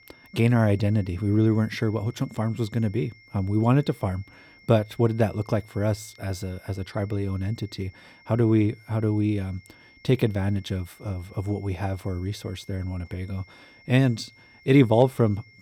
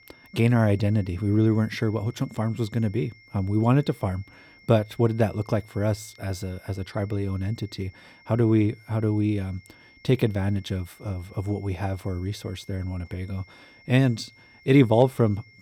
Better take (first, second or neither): neither